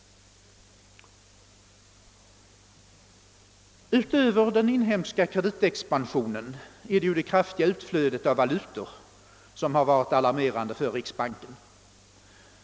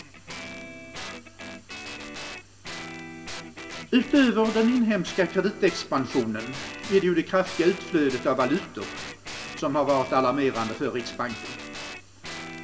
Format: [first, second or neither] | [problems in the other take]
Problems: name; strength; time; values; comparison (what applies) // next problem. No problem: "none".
first | background sound (Guitar); 12 dB below the speech // room echo; dies away in 0.2 s